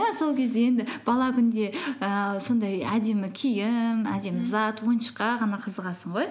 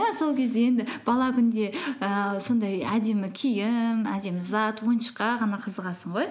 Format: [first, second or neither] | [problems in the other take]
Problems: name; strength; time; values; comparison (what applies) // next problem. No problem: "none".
first | noise reduction (neural mask model Resemble Enhance denoiser)